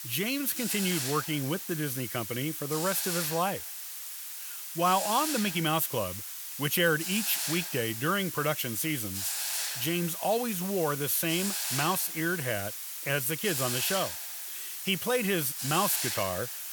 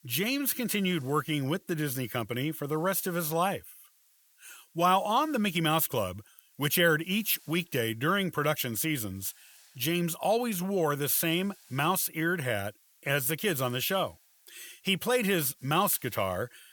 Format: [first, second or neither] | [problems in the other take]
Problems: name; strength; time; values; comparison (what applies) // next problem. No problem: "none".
second | hiss; loud; throughout; 3 dB below the speech; faint in the second